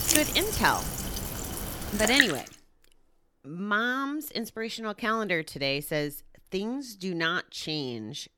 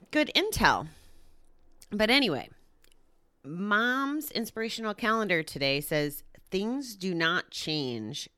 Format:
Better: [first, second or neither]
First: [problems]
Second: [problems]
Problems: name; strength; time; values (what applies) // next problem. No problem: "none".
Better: second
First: household noises; very loud; until 2.5 s; as loud as the speech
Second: none